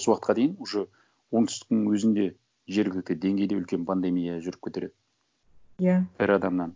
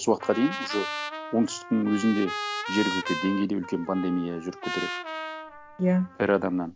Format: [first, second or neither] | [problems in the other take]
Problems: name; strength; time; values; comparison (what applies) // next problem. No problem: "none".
first | background sound (Trumpet); 8 dB below the speech